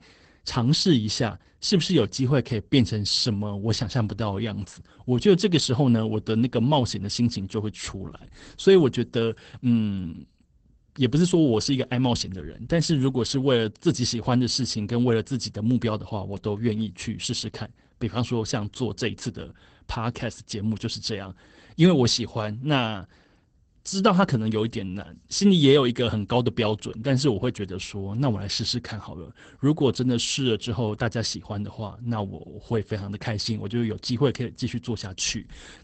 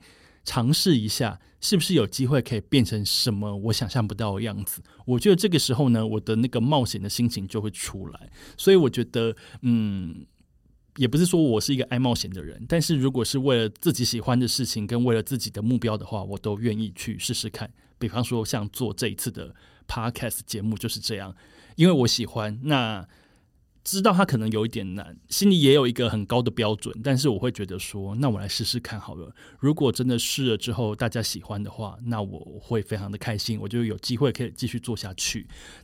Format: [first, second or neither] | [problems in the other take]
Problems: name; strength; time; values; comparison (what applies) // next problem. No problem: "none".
second | garbled, watery; badly; nothing above 8 kHz